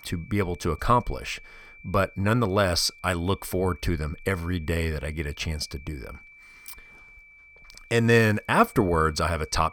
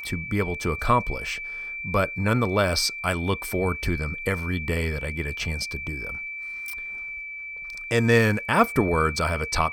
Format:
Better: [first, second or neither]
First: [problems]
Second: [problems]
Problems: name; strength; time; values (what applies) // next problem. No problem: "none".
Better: first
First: high-pitched whine; faint; throughout; 2.5 kHz, 25 dB below the speech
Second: high-pitched whine; loud; throughout; 2.5 kHz, 8 dB below the speech